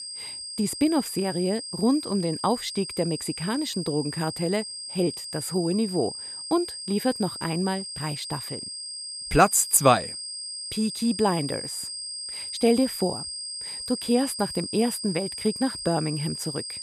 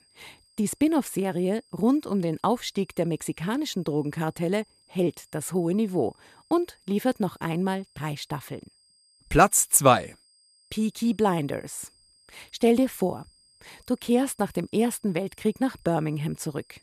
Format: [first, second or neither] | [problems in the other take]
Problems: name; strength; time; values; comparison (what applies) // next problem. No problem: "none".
second | high-pitched whine; loud; throughout; 5 kHz, 7 dB below the speech; faint in the second